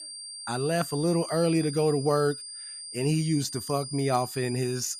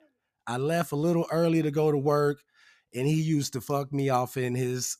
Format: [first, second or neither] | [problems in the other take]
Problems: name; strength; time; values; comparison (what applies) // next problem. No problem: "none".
second | high-pitched whine; loud; throughout; 4.5 kHz, 10 dB below the speech